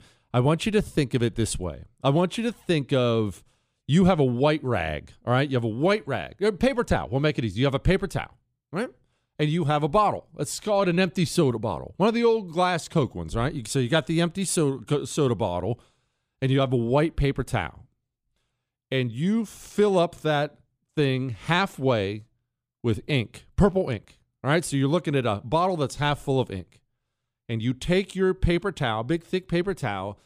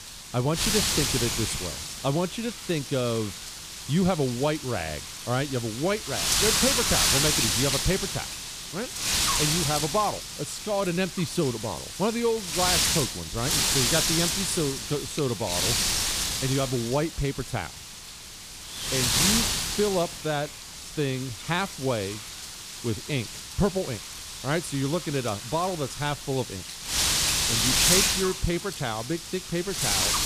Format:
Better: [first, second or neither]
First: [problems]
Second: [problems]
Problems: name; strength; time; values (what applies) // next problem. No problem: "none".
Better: first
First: none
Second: wind noise on the microphone; heavy; 3 dB above the speech